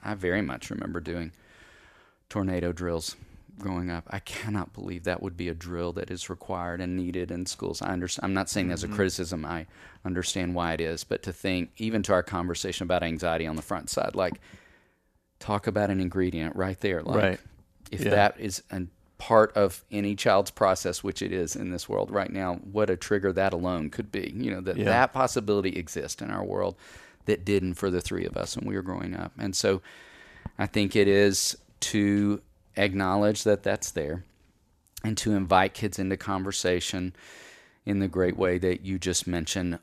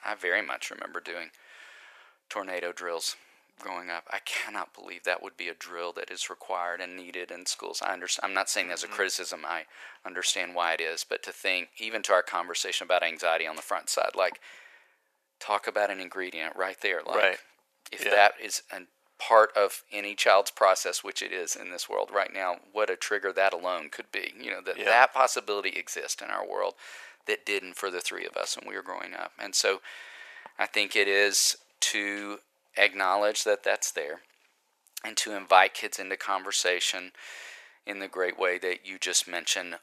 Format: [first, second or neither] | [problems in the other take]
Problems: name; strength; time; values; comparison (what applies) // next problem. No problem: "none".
first | thin; very; fading below 600 Hz